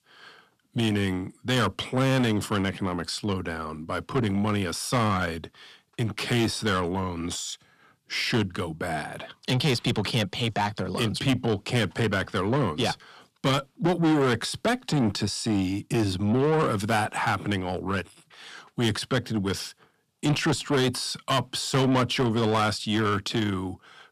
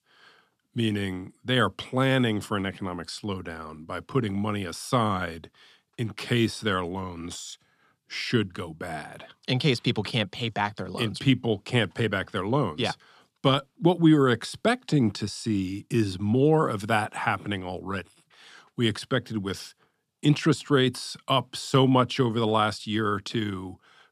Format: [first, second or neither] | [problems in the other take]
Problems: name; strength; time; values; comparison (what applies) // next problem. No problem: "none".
second | distortion; heavy; 7 dB below the speech